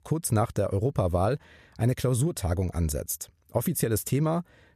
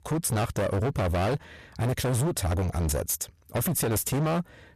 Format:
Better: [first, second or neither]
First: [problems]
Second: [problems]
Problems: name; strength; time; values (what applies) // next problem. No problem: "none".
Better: first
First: none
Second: distortion; heavy; 30% of the sound clipped